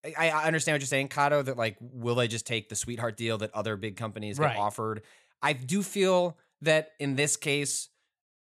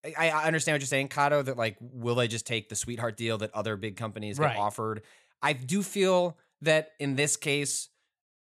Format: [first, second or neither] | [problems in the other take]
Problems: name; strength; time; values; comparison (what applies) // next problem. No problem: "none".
neither | none